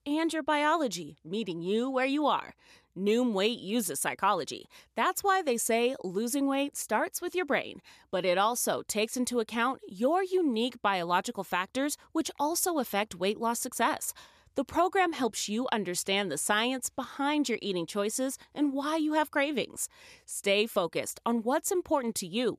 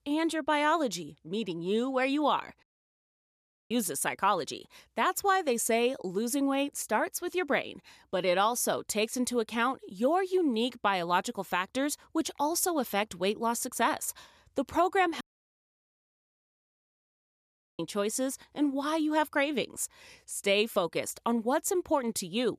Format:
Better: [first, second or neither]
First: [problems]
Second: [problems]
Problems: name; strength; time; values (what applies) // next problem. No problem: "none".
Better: first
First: none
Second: audio cutting out; at 2.5 s for 1 s and at 15 s for 2.5 s